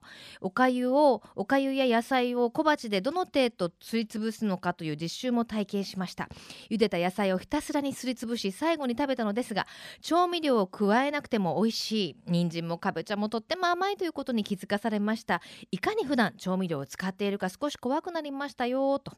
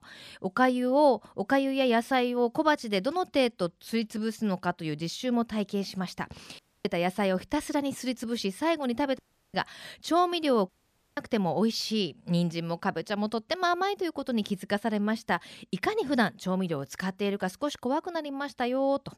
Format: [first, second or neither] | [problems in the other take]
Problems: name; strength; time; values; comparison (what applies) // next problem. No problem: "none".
first | audio cutting out; at 6.5 s, at 9 s and at 11 s